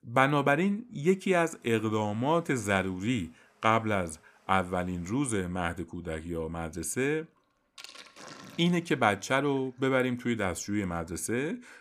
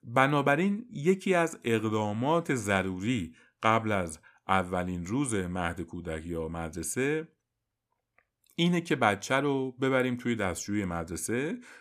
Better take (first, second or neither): second